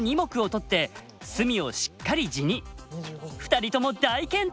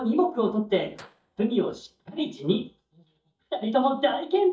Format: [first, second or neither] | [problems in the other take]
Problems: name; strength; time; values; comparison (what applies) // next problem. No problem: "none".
first | noise reduction (neural mask model DeepFilterNet 3)